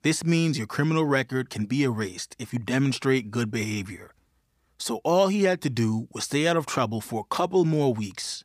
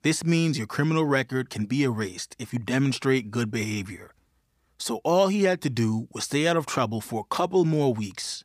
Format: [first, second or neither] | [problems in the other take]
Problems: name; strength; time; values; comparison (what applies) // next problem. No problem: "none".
neither | none